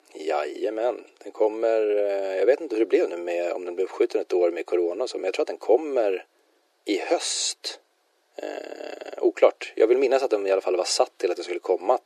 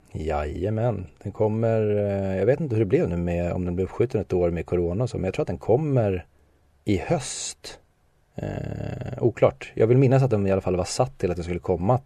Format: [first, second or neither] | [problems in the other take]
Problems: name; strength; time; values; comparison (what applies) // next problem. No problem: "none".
second | thin; very; fading below 300 Hz